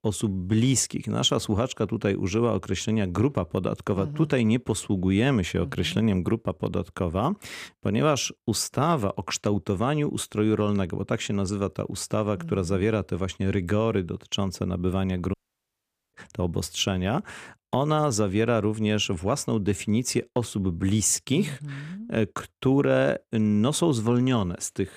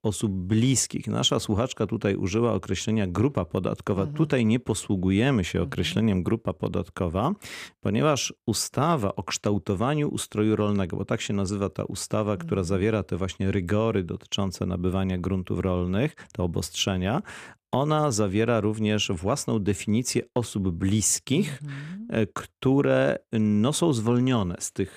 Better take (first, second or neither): second